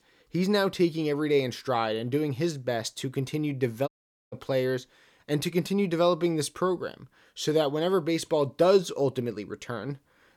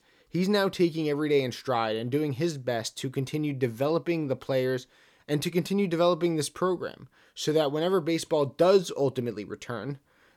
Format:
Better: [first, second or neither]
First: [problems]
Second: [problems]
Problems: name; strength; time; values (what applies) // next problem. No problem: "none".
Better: second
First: audio cutting out; at 4 s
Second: none